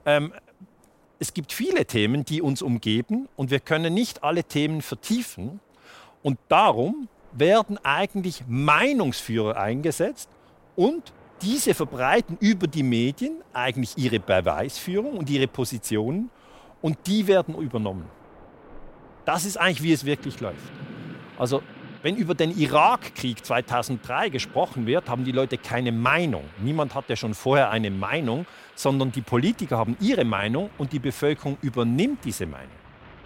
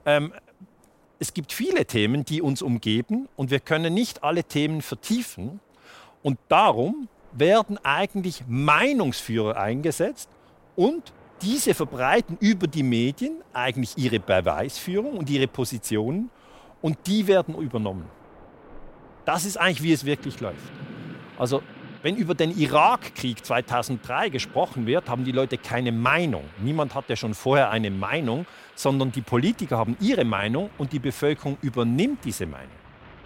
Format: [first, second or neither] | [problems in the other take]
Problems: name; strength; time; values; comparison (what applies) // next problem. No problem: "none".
neither | rain or running water; faint; throughout; 25 dB below the speech; the same in both